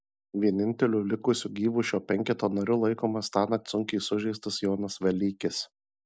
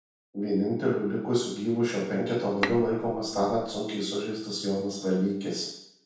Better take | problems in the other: first | background sound (Bowed string instrument); 8 dB below the speech // room echo; dies away in 0.7 s

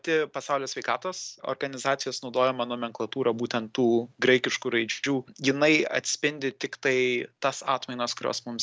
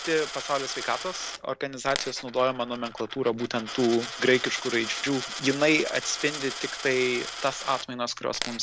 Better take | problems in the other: first | background sound (Coin (dropping)); 9 dB below the speech

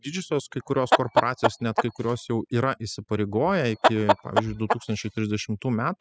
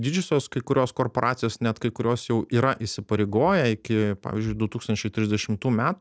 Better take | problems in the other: second | noise reduction (classical method spectral subtraction)

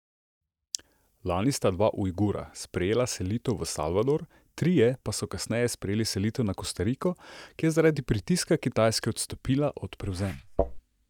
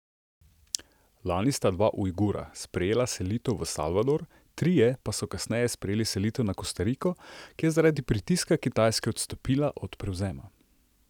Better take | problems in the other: second | noise reduction (neural mask model DeepFilterNet 3)

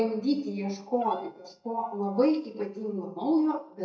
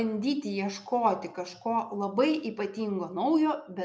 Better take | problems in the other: second | noise reduction (neural mask model DeepFilterNet 3)

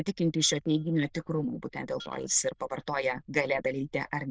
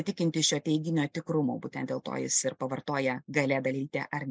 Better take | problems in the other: second | noise reduction (neural diffusion model UNIVERSE++)

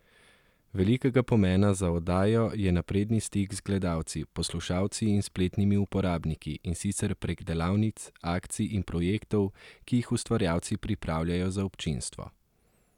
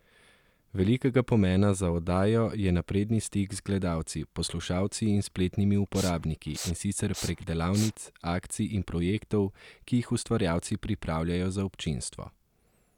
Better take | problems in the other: first | background sound (Respiratory sounds); 12 dB below the speech

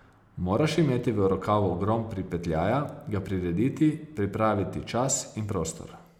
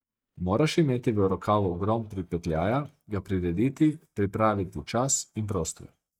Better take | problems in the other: first | noise reduction (neural mask model DeepFilterNet 3)

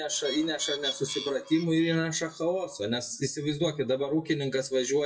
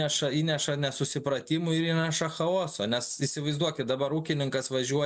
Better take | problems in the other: second | noise reduction (classical method WPE with log-MMSE)

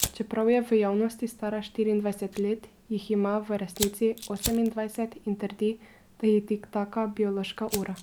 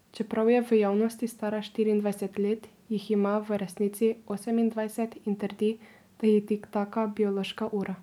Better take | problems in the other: second | background sound (Fire); 13 dB below the speech

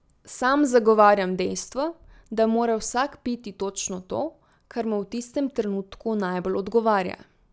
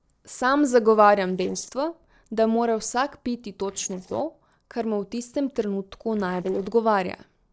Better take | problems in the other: first | noise reduction (neural separator model SepFormer DNS4)

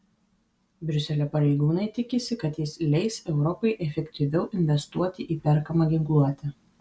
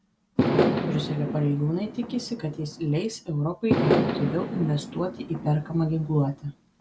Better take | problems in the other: first | background sound (Fireworks); as loud as the speech

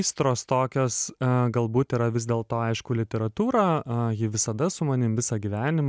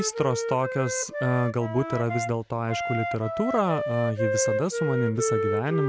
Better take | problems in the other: first | background sound (Wind instrument, woodwind instrument); 2 dB below the speech

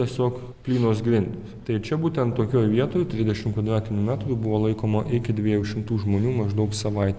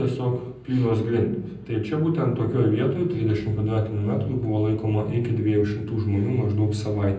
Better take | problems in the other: first | room echo; dies away in 0.6 s

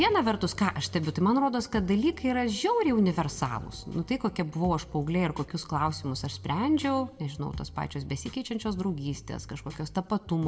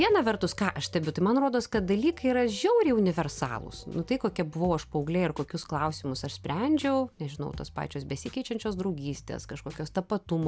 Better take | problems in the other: second | room echo; dies away in 0.8 s

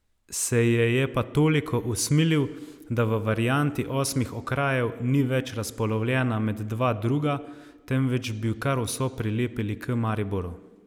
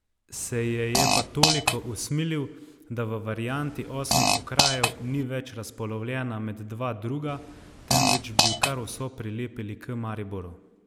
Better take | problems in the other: first | background sound (Fart); 5 dB above the speech

